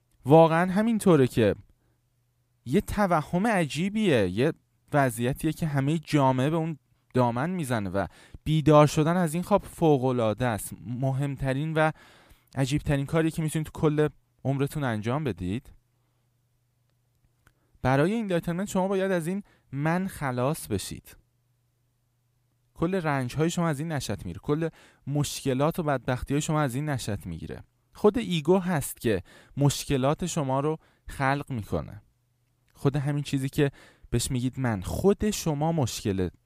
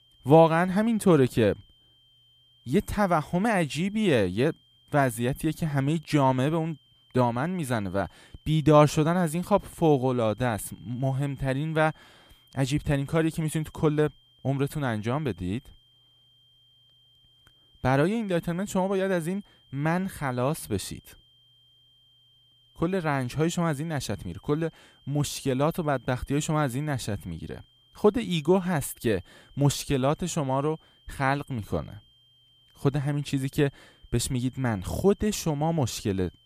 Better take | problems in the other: first | high-pitched whine; faint; throughout; 3 kHz, 30 dB below the speech

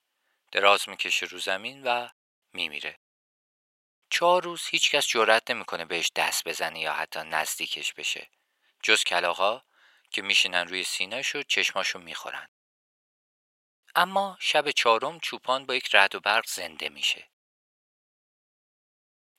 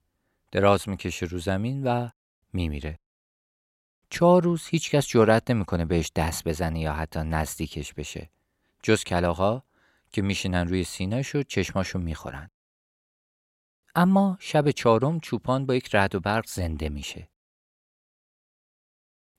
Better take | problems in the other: second | thin; very; fading below 750 Hz

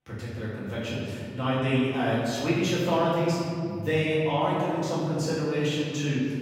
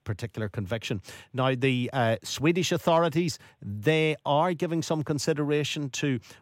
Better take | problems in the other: second | off-mic speech; far // room echo; strong; dies away in 1.9 s

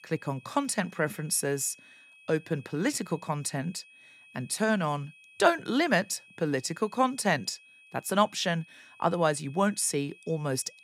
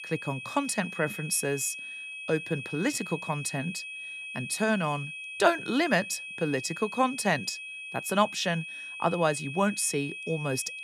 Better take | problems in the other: first | high-pitched whine; loud; throughout; 2.5 kHz, 8 dB below the speech; faint in the first

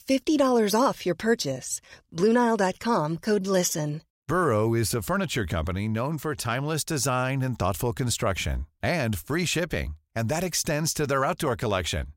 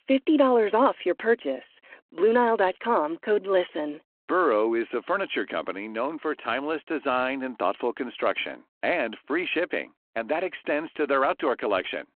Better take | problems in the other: first | phone-call audio

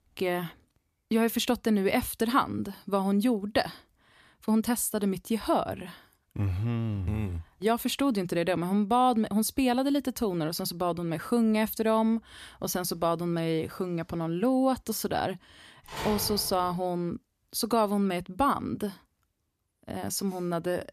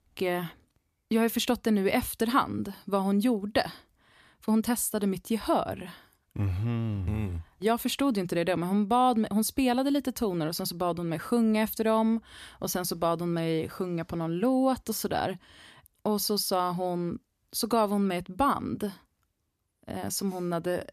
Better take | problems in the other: second | phone ringing; noticeable; at 16 s; peak 7 dB below the speech

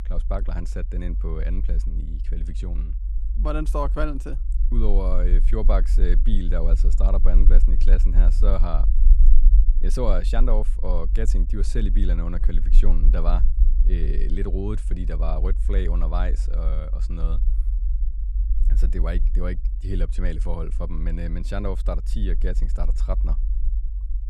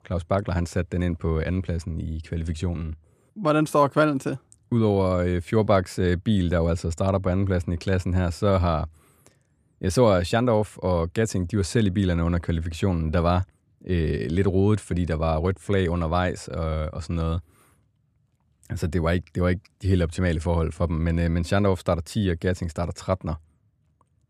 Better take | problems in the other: second | low rumble; noticeable; throughout; 15 dB below the speech

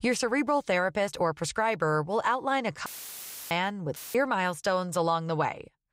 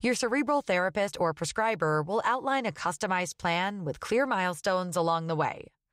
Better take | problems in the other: second | audio cutting out; filled with static; at 3 s for 0.5 s and at 4 s

